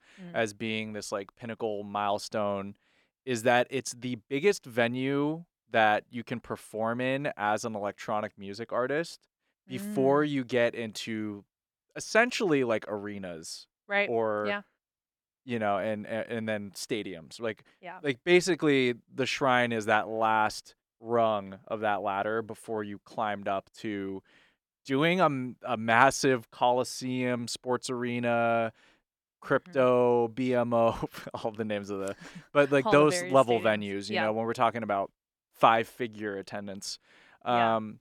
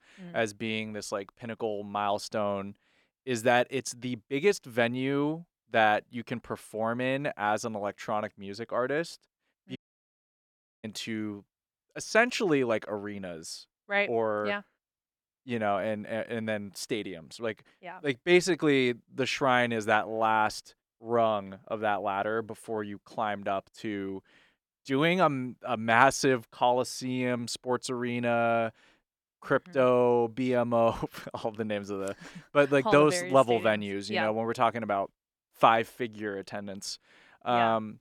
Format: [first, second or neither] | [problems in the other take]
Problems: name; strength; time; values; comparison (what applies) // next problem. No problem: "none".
first | audio cutting out; at 10 s for 1 s